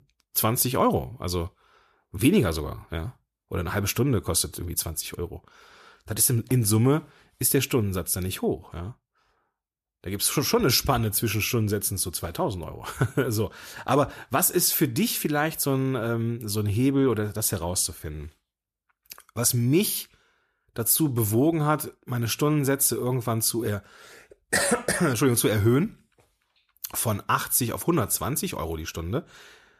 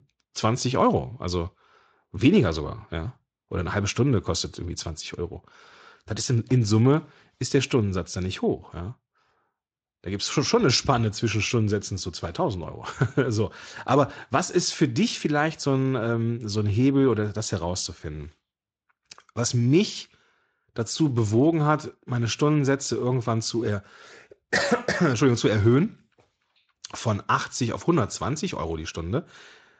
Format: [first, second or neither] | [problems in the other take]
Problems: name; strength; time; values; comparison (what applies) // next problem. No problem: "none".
first | garbled, watery; slightly; nothing above 7.5 kHz